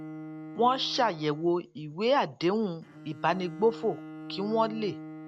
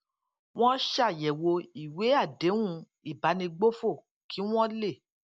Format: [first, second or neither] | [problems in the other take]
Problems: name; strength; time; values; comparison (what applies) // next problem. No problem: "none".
second | background sound (Bowed string instrument); 14 dB below the speech